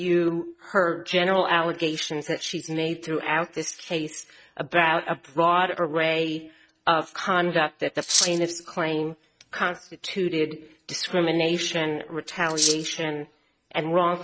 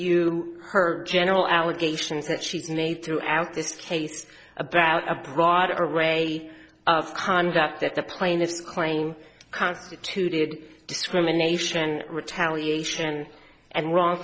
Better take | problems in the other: second | noise reduction (neural mask model RNNoise)

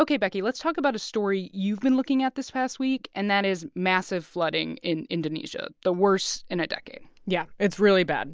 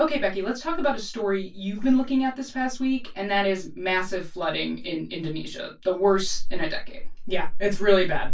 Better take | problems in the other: first | room echo; dies away in 0.1 s

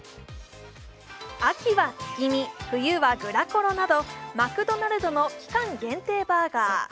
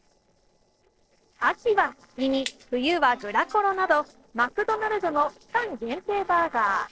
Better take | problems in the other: first | noise reduction (neural separator model SepFormer DNS4)

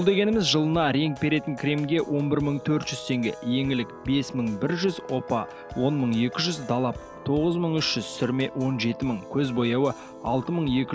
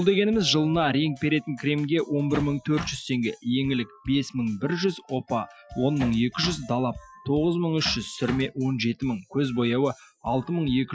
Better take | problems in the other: first | noise reduction (classical method Wiener filter)

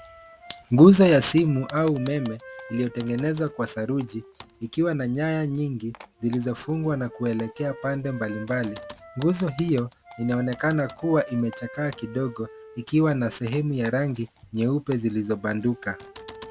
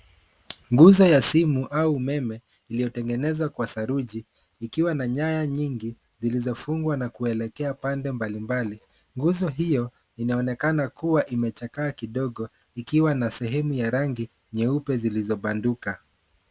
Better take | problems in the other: second | background sound (Wind instrument, woodwind instrument + Typing); 19 dB below the speech

